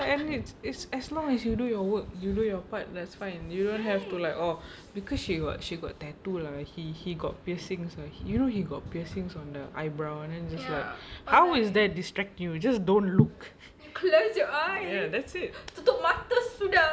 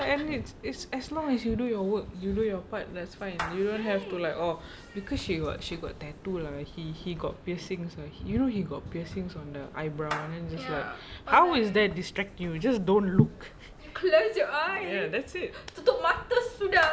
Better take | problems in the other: first | background sound (Meow / Clapping); 17 dB below the speech

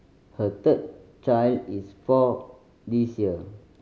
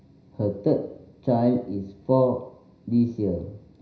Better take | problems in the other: first | room echo; dies away in 0.5 s

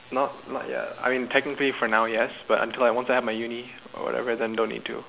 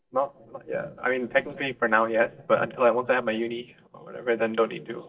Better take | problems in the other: first | noise reduction (neural mask model DeepFilterNet 3)

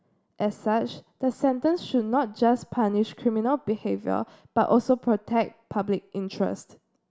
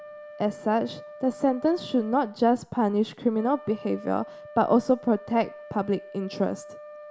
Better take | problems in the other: first | background sound (Wind instrument, woodwind instrument); 18 dB below the speech

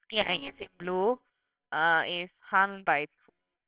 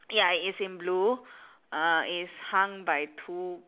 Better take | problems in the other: second | noise reduction (neural separator model SepFormer WHAMR!)

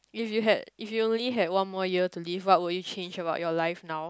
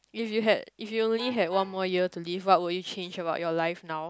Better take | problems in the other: first | background sound (Alarm / Truck); 19 dB below the speech

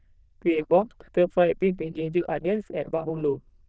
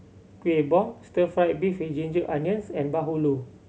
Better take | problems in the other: second | noise reduction (neural diffusion model UNIVERSE++)

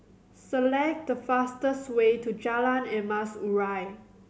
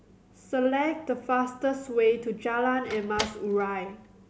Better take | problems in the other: first | background sound (Slam); 12 dB below the speech

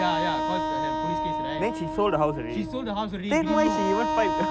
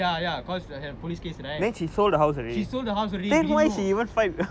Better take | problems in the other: second | background sound (Wind instrument, woodwind instrument); 1 dB below the speech

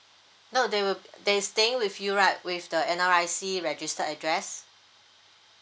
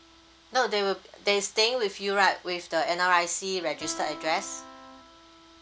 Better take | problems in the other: first | background sound (Guitar + Bowed string instrument); 20 dB below the speech

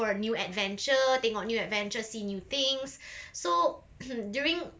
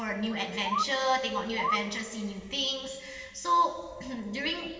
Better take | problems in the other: first | background sound (Bird); 5 dB below the speech // room echo; dies away in 2.9 s

